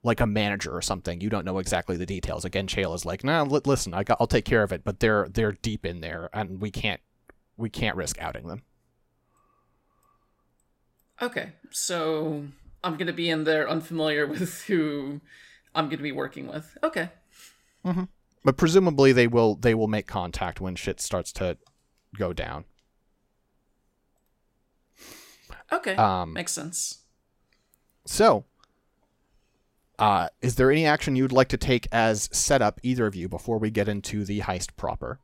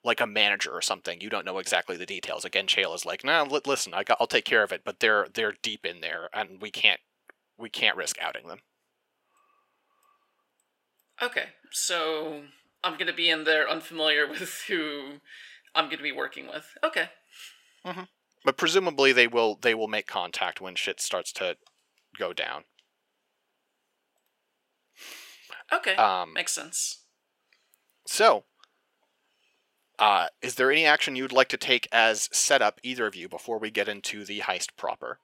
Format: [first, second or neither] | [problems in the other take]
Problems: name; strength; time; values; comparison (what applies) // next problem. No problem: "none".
first | thin; somewhat; fading below 450 Hz